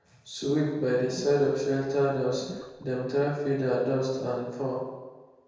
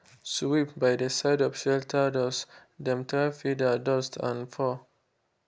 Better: second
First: background sound (Gurgling / Liquid); 20 dB below the speech // room echo; dies away in 1.2 s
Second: none

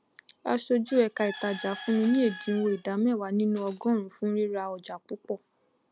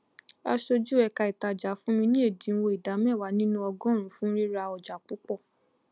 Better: second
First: background sound (Bird / Chicken, rooster + Shatter); 17 dB below the speech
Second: none

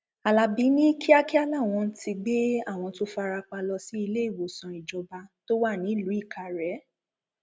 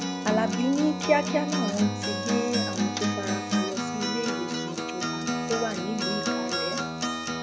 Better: first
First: none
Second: background sound (Acoustic guitar); 2 dB above the speech

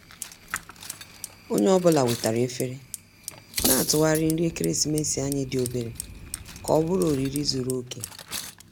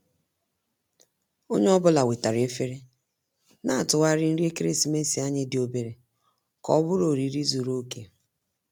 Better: second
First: background sound (Cutlery, silverware + Fire); 9 dB below the speech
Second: none

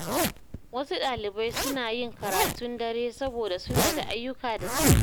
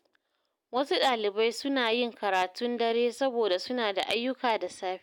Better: second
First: background sound (Zipper (clothing)); 2 dB above the speech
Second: none

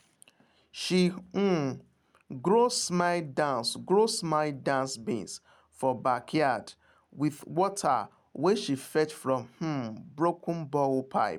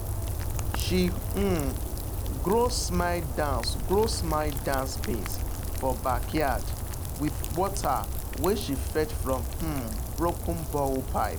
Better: first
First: none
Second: background sound (Rain); 1 dB below the speech

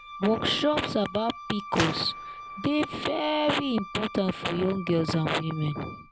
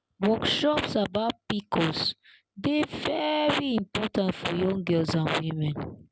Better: second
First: background sound (Wind instrument, woodwind instrument + Gunshot, gunfire); 11 dB below the speech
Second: none

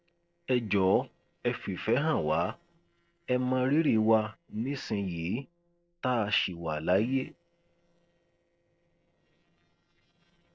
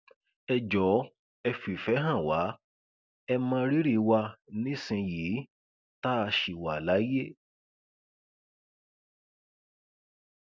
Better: second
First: noise reduction (neural separator model SepFormer DNS4)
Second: none

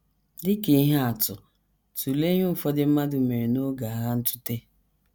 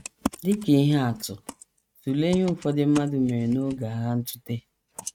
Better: first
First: none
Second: noise reduction (neural mask model RNNoise)

